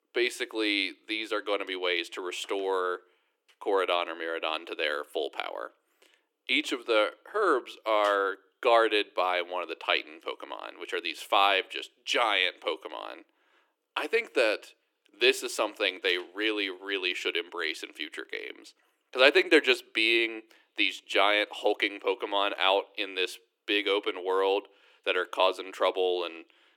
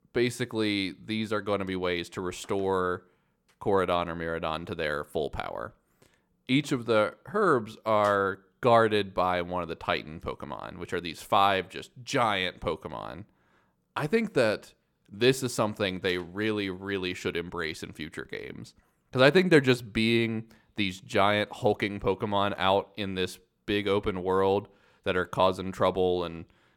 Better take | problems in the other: second | thin; somewhat; fading below 300 Hz

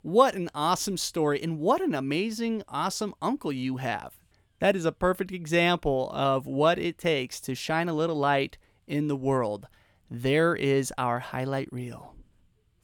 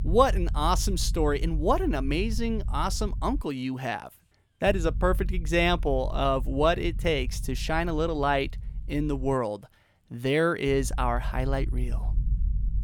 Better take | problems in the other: first | low rumble; faint; until 3.5 s, from 4.5 to 9.5 s and from 11 s on; 25 dB below the speech

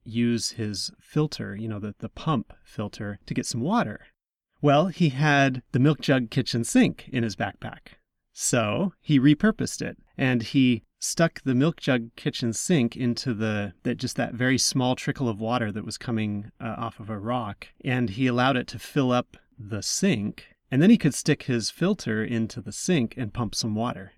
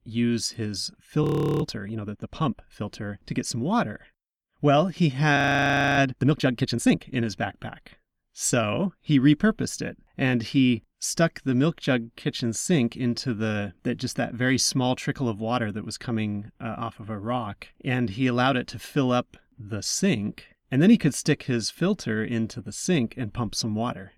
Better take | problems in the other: first | audio freezing; at 1 s and at 5.5 s for 0.5 s

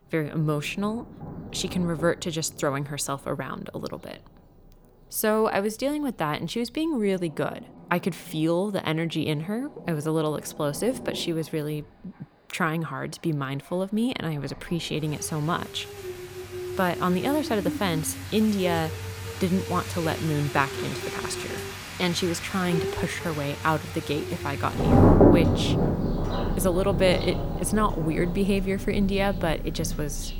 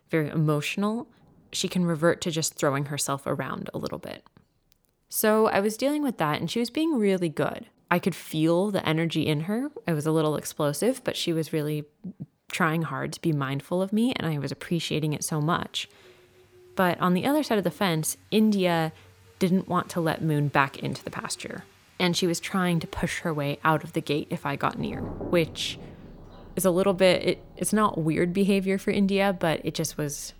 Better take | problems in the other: second | rain or running water; loud; throughout; 1 dB below the speech; faint in the second

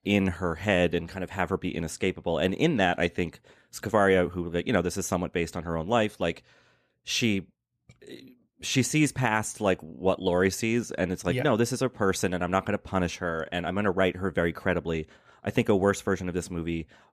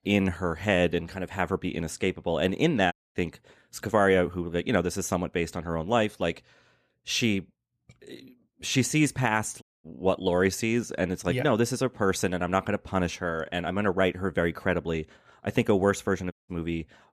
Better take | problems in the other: first | audio cutting out; at 3 s, at 9.5 s and at 16 s

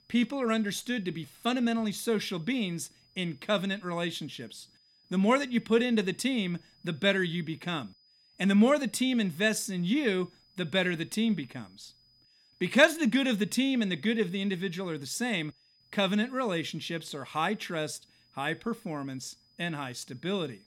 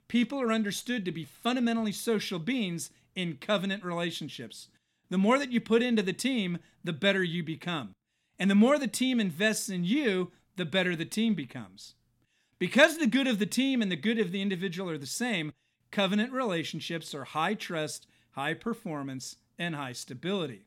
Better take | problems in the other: second | high-pitched whine; faint; throughout; 5 kHz, 30 dB below the speech

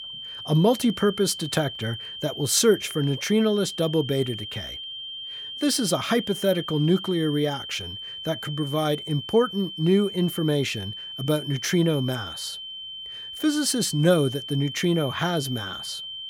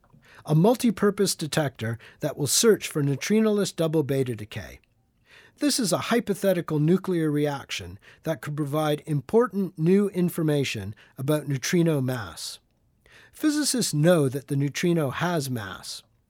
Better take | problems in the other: second | high-pitched whine; loud; throughout; 3 kHz, 9 dB below the speech

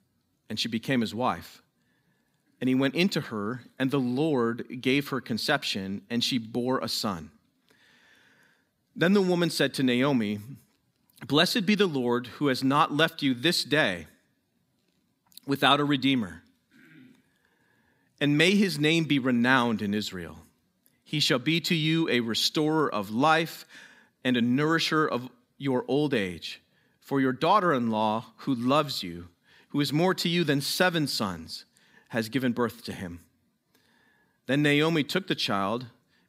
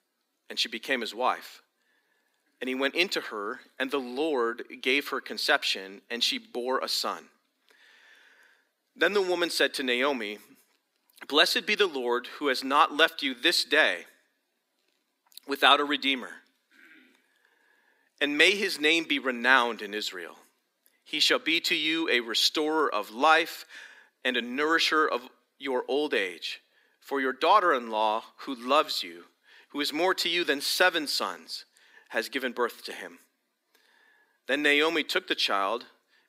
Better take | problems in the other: first | thin; somewhat; fading below 350 Hz

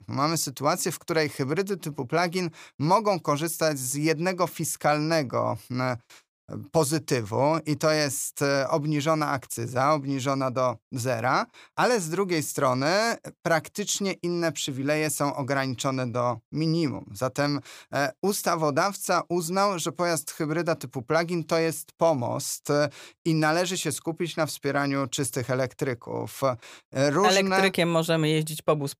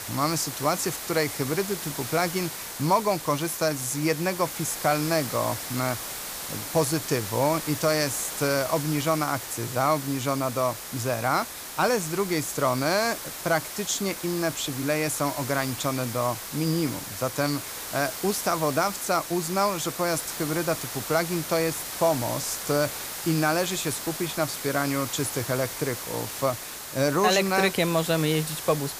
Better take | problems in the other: first | hiss; loud; throughout; 7 dB below the speech

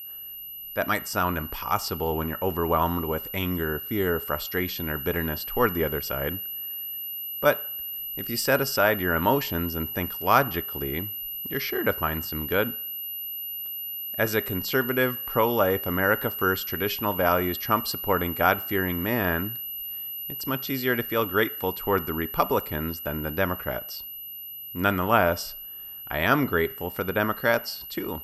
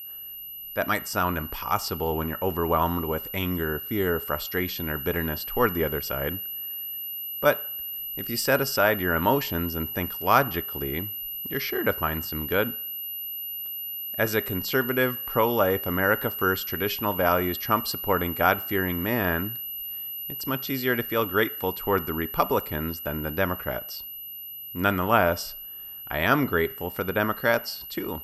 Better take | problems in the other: neither | high-pitched whine; loud; throughout; 12 kHz, 6 dB below the speech; the same in both

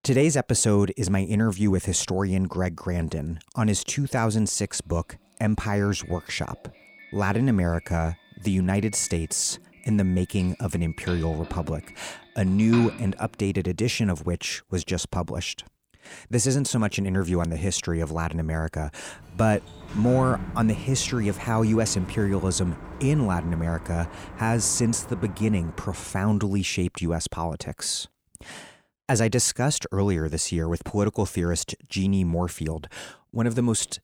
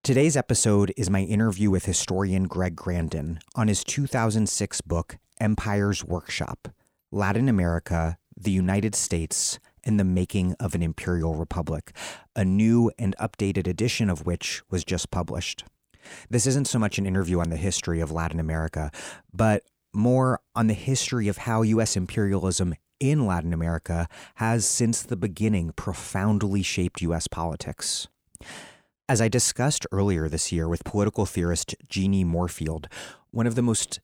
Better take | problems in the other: second | doorbell; noticeable; from 9 to 13 s; peak 8 dB below the speech // door banging; noticeable; from 19 to 26 s; peak 8 dB below the speech

